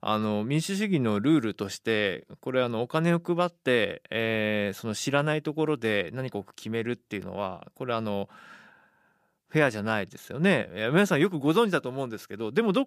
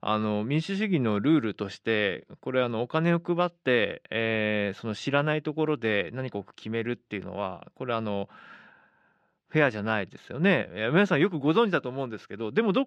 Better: first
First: none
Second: muffled; slightly; fading above 3 kHz

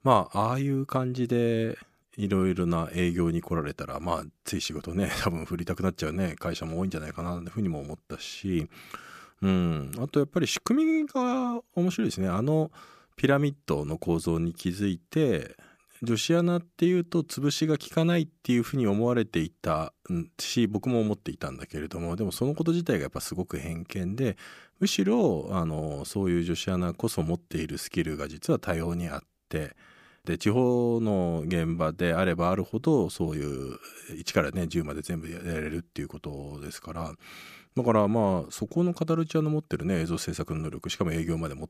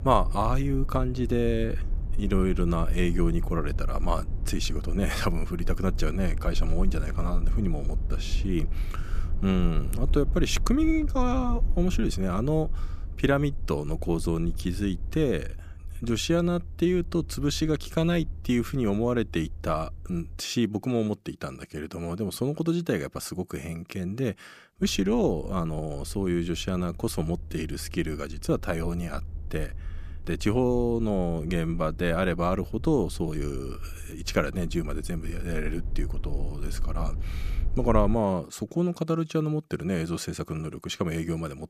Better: first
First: none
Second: low rumble; faint; until 20 s and from 25 to 38 s; 20 dB below the speech

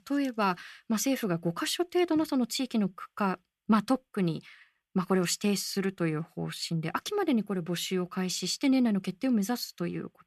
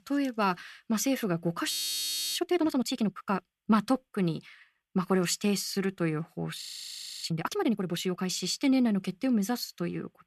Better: first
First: none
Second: audio freezing; at 1.5 s for 0.5 s and at 6.5 s for 0.5 s

